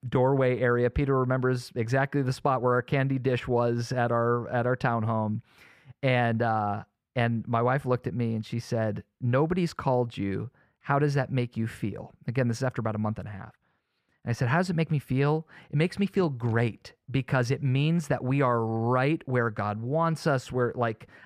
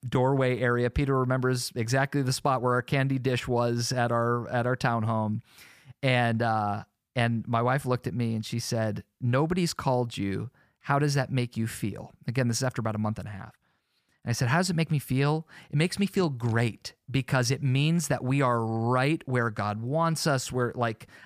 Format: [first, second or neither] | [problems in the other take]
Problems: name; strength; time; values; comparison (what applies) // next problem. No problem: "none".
second | muffled; slightly; fading above 4 kHz